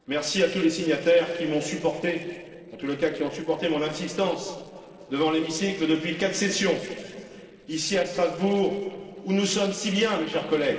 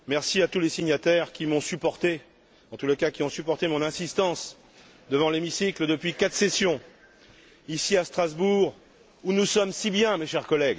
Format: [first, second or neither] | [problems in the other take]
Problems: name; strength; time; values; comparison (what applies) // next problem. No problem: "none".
second | noise reduction (neural separator model SepFormer DNS4)